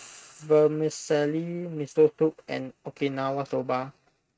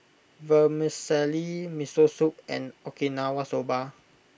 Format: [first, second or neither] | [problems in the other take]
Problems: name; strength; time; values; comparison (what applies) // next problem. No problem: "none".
second | noise reduction (neural mask model RNNoise)